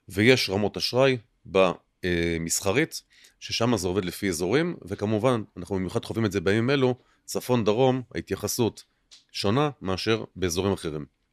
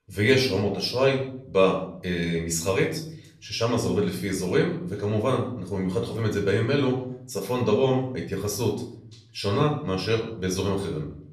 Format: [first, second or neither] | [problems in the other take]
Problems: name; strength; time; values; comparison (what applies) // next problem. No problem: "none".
first | room echo; slight; dies away in 0.6 s // off-mic speech; far